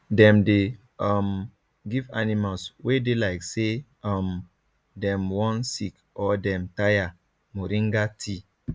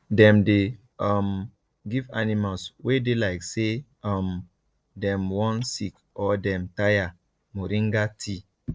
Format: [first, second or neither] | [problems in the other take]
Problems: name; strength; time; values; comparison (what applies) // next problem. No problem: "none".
first | noise reduction (neural separator model SepFormer DNS4)